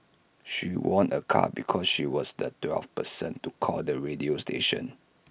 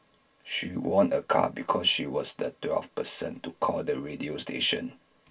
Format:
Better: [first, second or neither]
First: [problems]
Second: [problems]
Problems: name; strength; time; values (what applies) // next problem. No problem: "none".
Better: first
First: none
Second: room echo; dies away in 0.1 s